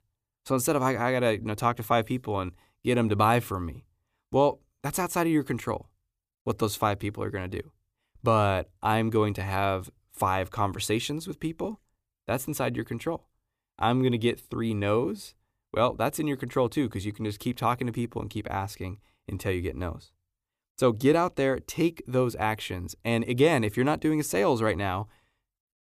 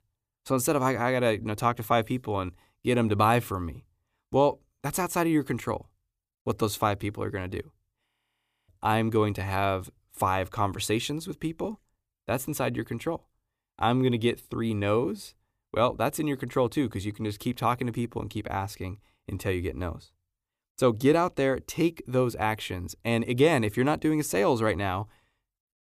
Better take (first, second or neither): first